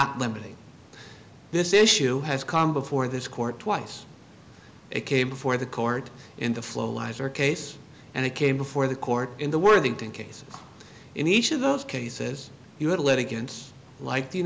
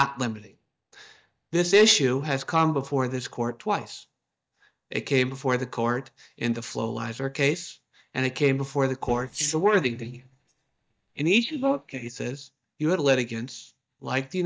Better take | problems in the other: first | noise reduction (neural mask model DeepFilterNet 3)

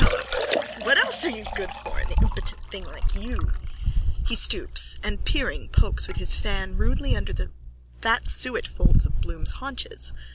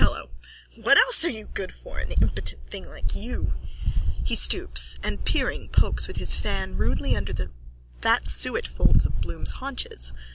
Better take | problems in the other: second | background sound (Liquid); 14 dB below the speech

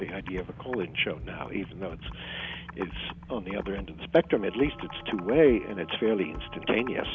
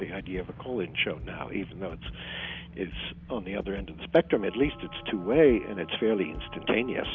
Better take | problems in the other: second | background sound (Computer keyboard); 19 dB below the speech

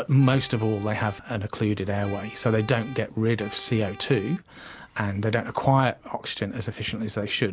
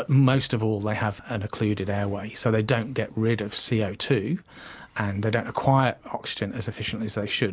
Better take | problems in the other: second | background sound (Accordion); 18 dB below the speech

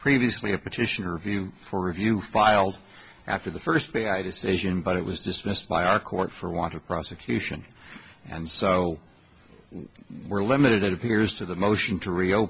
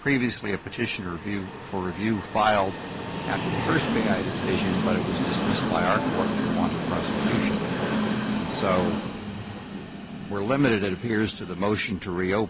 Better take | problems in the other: first | background sound (Train); 1 dB below the speech

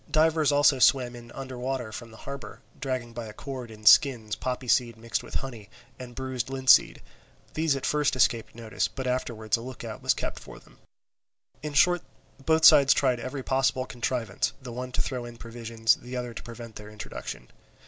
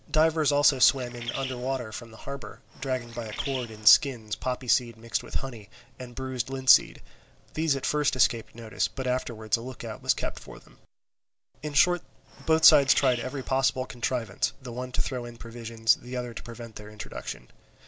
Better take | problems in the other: first | background sound (Bird); 12 dB below the speech

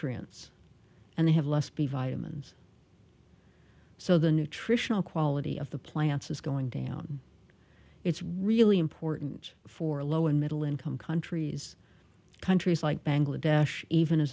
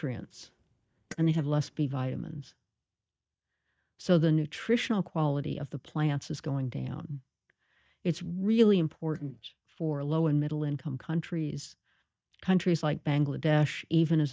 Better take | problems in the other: first | noise reduction (neural mask model DeepFilterNet 3)

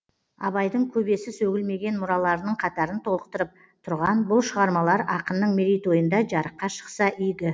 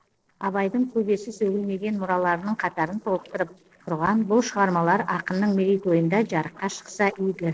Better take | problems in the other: first | noise reduction (neural separator model SepFormer DNS4)

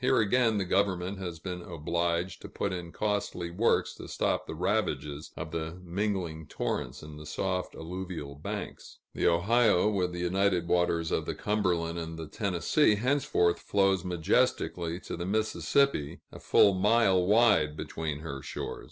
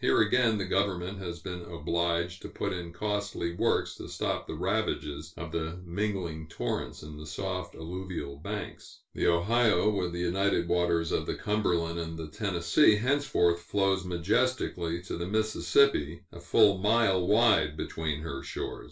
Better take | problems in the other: first | room echo; dies away in 0.2 s

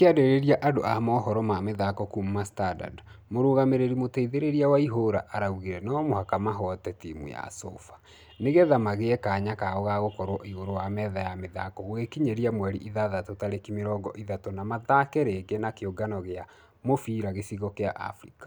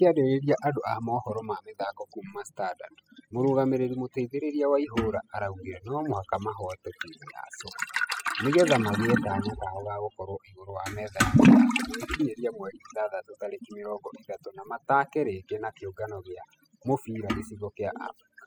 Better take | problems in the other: first | noise reduction (classical method spectral subtraction)

